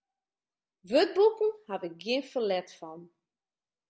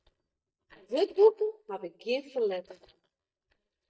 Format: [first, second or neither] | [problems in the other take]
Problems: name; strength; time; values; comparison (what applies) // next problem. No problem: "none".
first | noise reduction (neural mask model DeepFilterNet 3)